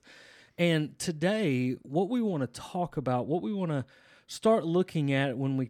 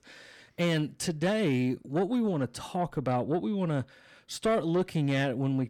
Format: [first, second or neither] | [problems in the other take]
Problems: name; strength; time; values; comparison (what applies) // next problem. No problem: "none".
first | distortion; slight; 10 dB below the speech